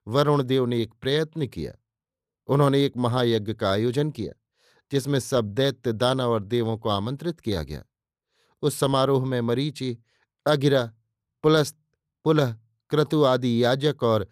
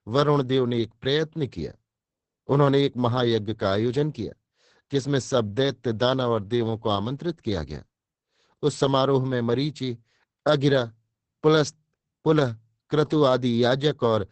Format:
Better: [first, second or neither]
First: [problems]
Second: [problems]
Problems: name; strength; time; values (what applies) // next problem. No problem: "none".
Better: first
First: none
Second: garbled, watery; badly; nothing above 8 kHz